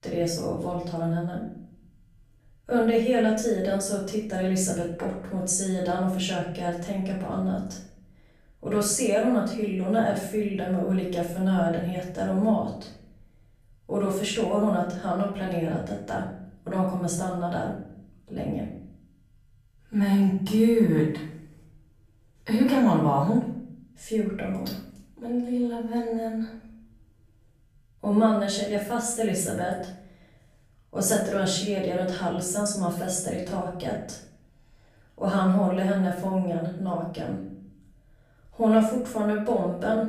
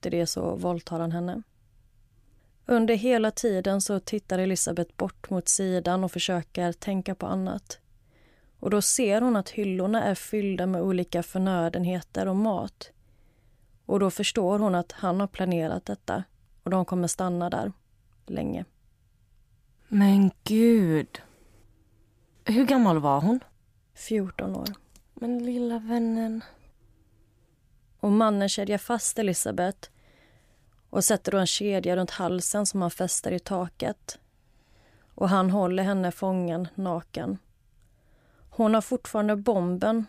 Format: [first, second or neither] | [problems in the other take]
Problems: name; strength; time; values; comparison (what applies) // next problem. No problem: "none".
second | off-mic speech; far // room echo; noticeable; dies away in 0.6 s